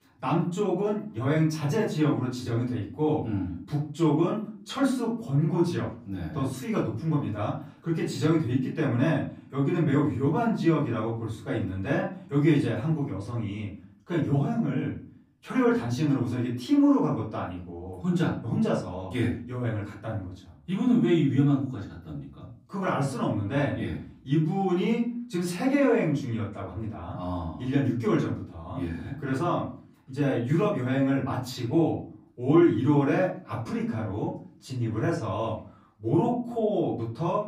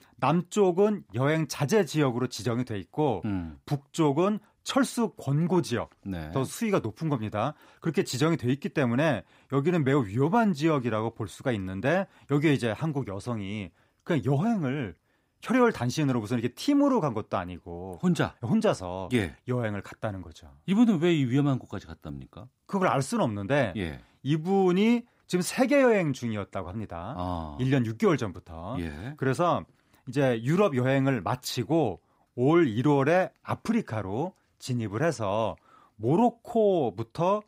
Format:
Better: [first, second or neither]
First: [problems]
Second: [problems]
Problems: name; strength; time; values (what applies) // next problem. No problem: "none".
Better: second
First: off-mic speech; far // room echo; slight; dies away in 0.5 s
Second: none